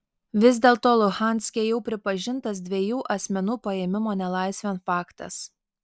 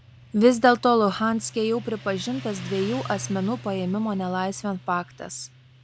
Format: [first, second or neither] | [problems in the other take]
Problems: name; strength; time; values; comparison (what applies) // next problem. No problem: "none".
first | background sound (Motorcycle); 16 dB below the speech